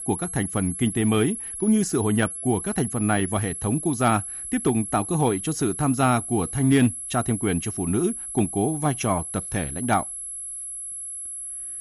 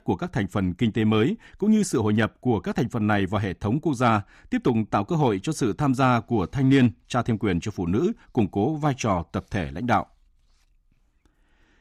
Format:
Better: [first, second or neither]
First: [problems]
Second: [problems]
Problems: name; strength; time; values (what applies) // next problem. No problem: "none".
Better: second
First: high-pitched whine; loud; throughout; 11 kHz, 7 dB below the speech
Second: none